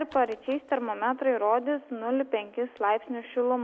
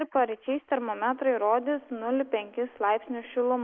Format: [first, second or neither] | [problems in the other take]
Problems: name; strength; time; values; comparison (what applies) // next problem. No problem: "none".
first | noise reduction (neural mask model Resemble Enhance denoiser)